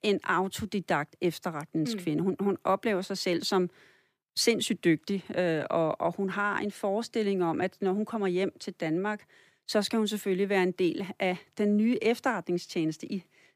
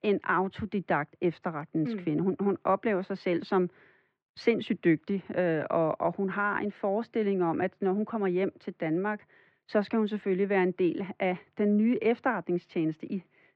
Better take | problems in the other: first | muffled; very; fading above 2.5 kHz

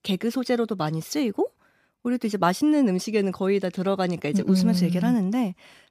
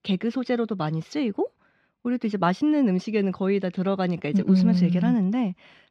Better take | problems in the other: first | muffled; very slightly; fading above 3 kHz

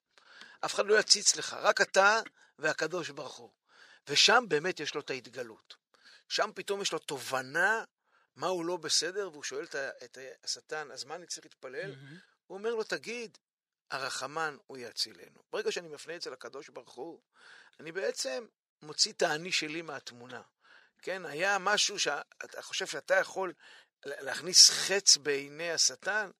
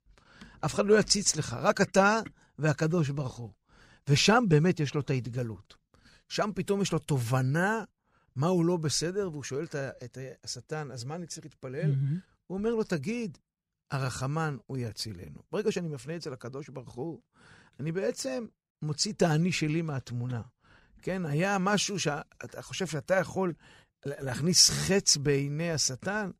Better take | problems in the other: second | thin; very; fading below 500 Hz

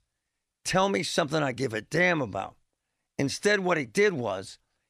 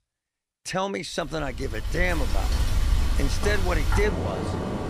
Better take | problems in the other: first | rain or running water; very loud; from 1.5 s on; 1 dB above the speech

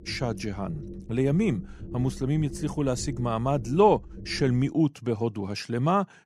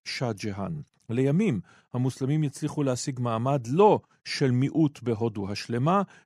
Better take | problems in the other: second | low rumble; noticeable; until 4.5 s; 20 dB below the speech

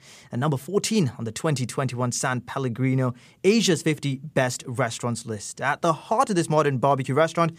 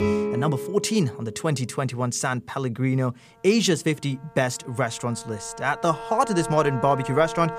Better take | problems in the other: first | background music; loud; throughout; 8 dB below the speech

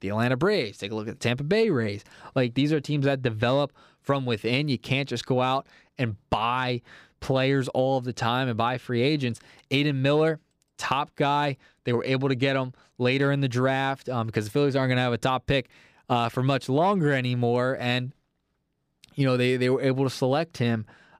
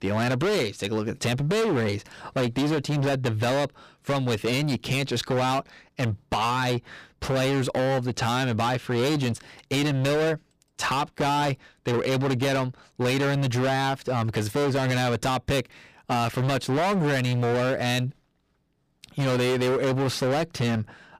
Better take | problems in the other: first | distortion; heavy; 28% of the sound clipped

